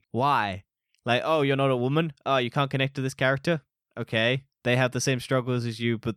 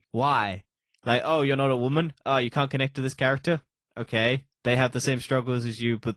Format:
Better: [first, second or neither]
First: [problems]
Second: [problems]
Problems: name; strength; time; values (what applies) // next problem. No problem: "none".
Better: first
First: none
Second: garbled, watery; slightly; nothing above 15.5 kHz